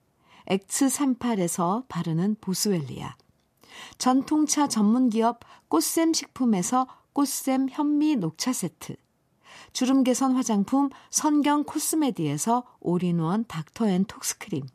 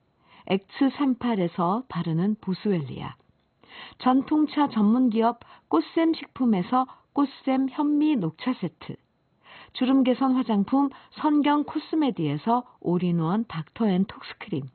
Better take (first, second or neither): first